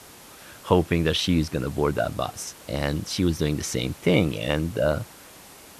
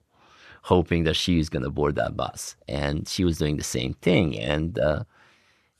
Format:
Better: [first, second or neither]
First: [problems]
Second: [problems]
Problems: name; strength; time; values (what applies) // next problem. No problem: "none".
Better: second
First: hiss; faint; throughout; 20 dB below the speech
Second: none